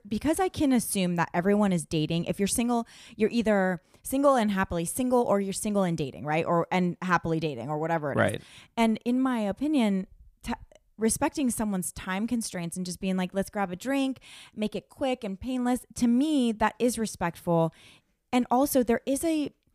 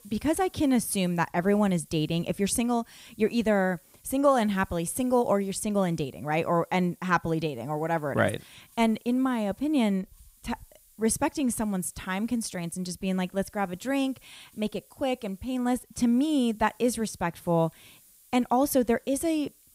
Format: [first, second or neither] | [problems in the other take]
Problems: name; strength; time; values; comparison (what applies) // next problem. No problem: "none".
first | hiss; faint; throughout; 30 dB below the speech